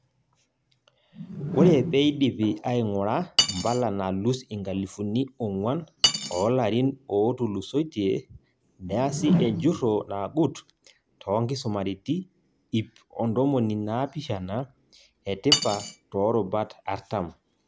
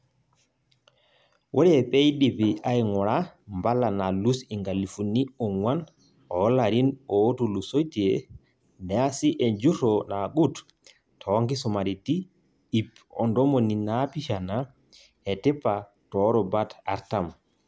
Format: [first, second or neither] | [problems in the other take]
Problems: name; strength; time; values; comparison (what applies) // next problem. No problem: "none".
second | background sound (Whoosh, swoosh, swish + Cutlery, silverware); 3 dB below the speech